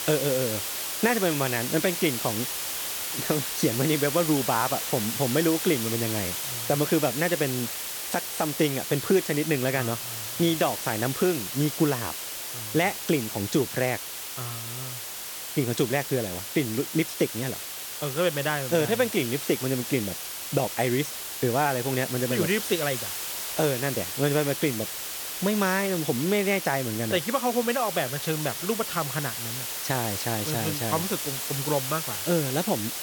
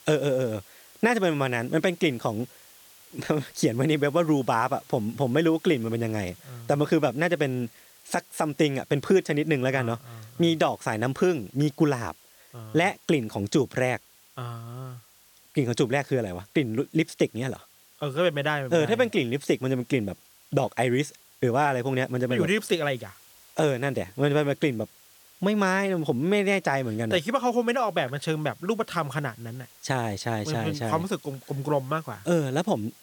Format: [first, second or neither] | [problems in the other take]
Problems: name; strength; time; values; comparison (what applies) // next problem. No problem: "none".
second | hiss; loud; throughout; 3 dB below the speech; faint in the second